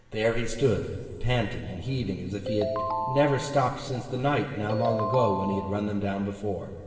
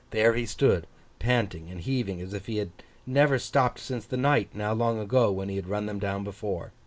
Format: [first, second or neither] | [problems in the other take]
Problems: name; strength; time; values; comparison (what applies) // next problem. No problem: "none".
second | background sound (Ringtone); 5 dB below the speech // room echo; dies away in 1.9 s